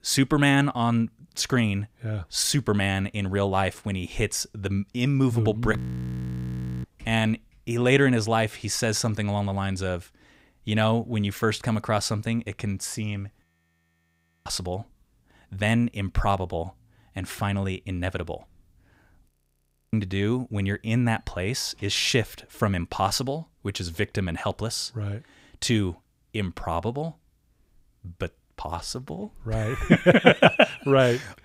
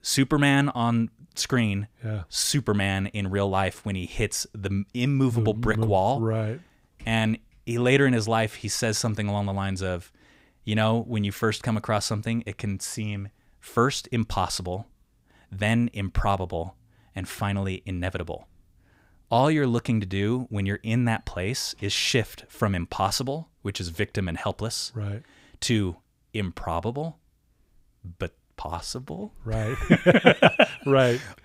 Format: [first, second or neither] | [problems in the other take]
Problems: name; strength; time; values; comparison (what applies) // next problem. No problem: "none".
second | audio freezing; at 6 s for 1 s, at 13 s for 1 s and at 19 s for 0.5 s